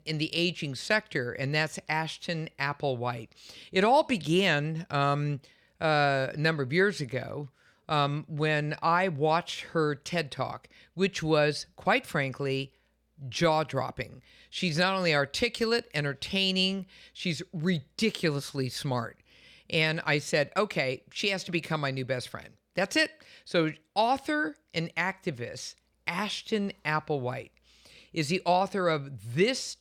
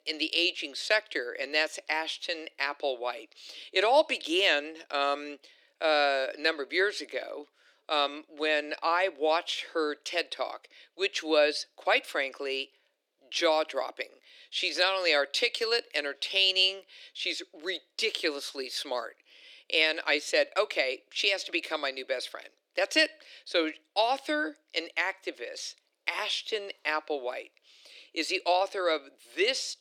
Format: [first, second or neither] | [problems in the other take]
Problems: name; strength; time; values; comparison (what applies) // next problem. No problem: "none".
first | thin; very; fading below 300 Hz